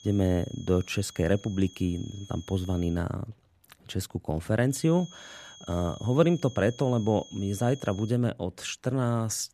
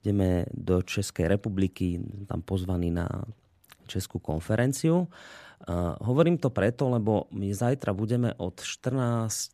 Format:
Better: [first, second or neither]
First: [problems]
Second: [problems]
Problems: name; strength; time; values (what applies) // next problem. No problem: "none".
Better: second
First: high-pitched whine; noticeable; until 3 s and from 5 to 8 s; 3.5 kHz, 20 dB below the speech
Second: none